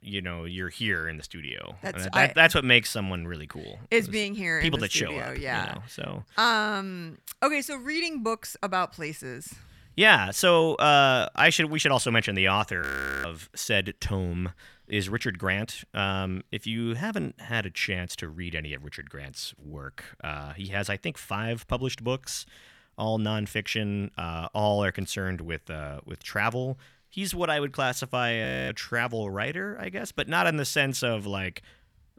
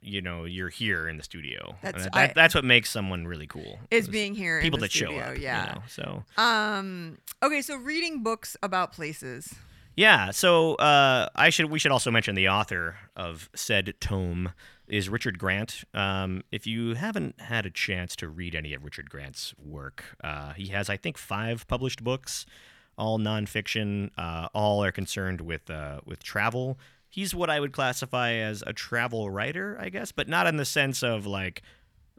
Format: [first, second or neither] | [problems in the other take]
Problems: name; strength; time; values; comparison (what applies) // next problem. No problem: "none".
second | audio freezing; at 13 s and at 28 s